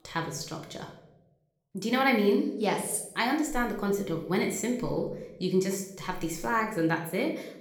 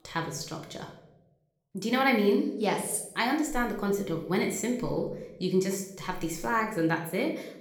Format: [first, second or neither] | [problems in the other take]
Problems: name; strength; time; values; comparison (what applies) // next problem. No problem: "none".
neither | room echo; slight; dies away in 0.6 s; the same in both // off-mic speech; somewhat distant; the same in both